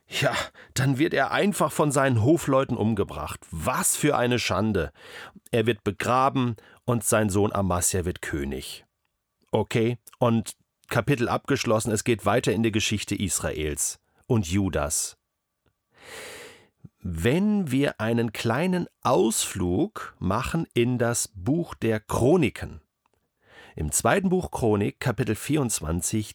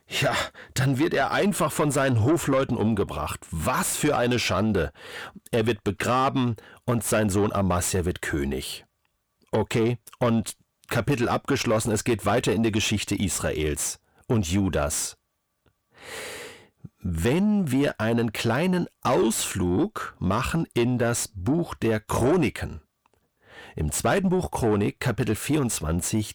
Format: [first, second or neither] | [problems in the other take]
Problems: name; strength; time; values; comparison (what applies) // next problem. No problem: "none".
first | distortion; slight; 10 dB below the speech